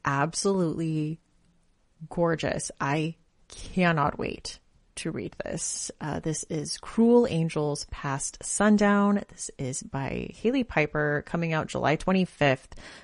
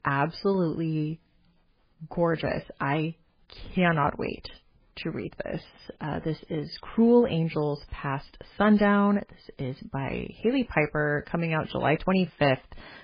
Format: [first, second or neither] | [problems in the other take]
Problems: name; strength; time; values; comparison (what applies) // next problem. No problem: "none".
first | garbled, watery; badly; nothing above 5 kHz; slightly in the first